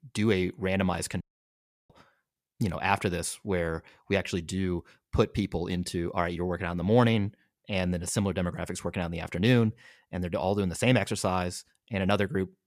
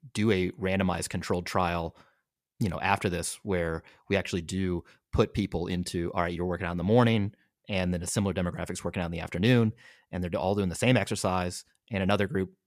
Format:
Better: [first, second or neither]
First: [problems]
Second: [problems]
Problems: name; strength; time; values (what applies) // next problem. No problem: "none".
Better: second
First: audio cutting out; at 1 s for 0.5 s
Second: none